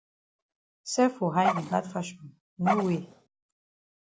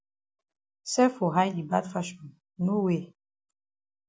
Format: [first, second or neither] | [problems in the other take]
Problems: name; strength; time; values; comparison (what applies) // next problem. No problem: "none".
second | background sound (Dog); 1 dB below the speech